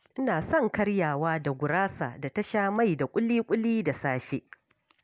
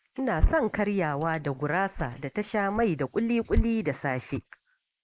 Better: first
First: none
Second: noise reduction (neural mask model Resemble Enhance denoiser)

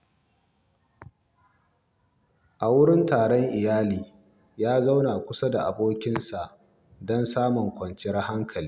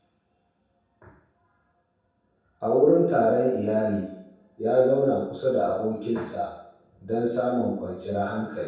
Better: first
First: none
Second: room echo; dies away in 0.7 s

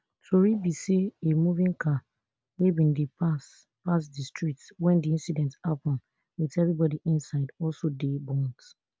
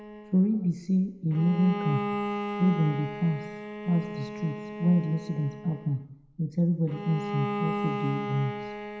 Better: first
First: none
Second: background sound (Bowed string instrument); 7 dB below the speech // room echo; dies away in 0.8 s

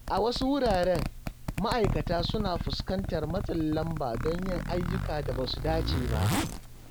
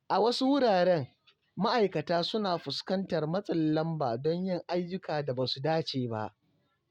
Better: second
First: background sound (Zipper (clothing)); 2 dB below the speech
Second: none

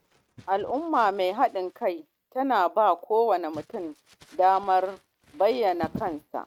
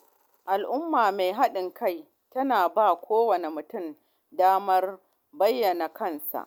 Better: second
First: noise reduction (neural mask model RNNoise)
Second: none

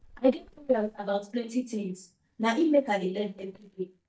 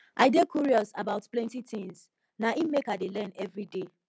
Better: second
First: noise reduction (neural mask model DeepFilterNet 3)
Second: none

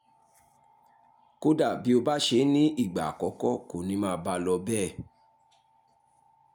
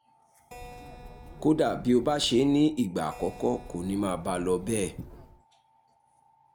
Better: first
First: none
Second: background sound (Keyboard (musical)); 17 dB below the speech

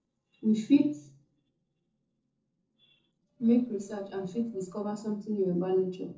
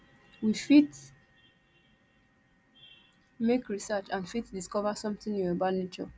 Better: second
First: noise reduction (neural separator model SepFormer DNS4)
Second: none

